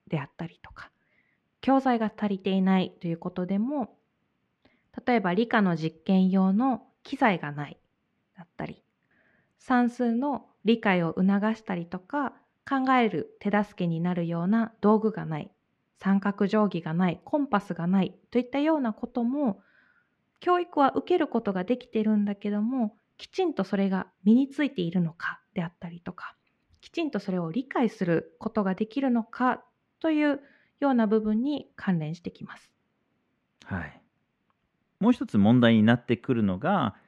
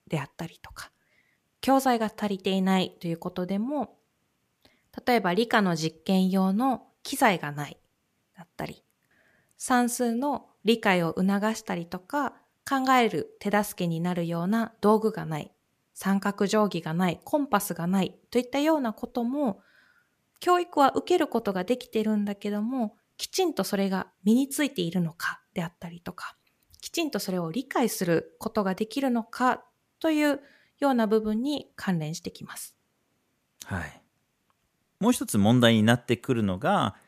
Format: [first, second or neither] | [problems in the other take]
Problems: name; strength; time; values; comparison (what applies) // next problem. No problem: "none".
second | muffled; slightly; fading above 2.5 kHz